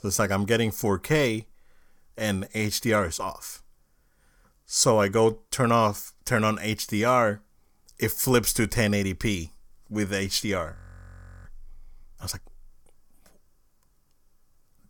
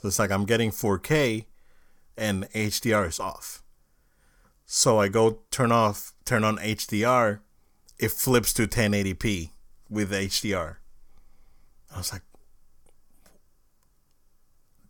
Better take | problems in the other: second | audio freezing; at 11 s for 0.5 s

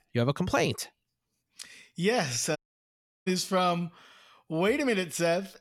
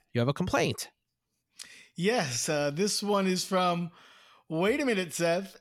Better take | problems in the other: second | audio cutting out; at 2.5 s for 0.5 s

